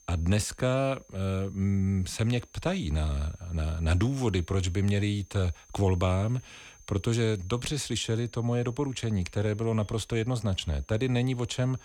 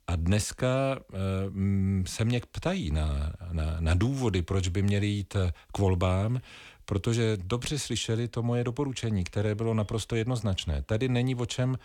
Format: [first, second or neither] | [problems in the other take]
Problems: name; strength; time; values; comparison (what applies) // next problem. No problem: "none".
second | high-pitched whine; faint; throughout; 6.5 kHz, 25 dB below the speech